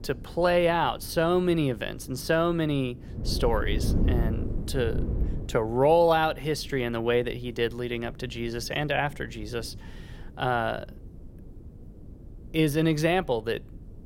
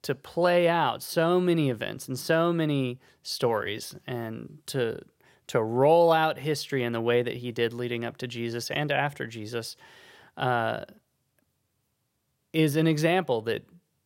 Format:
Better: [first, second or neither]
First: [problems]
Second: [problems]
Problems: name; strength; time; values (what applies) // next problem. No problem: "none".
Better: second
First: wind noise on the microphone; occasional gusts; 20 dB below the speech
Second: none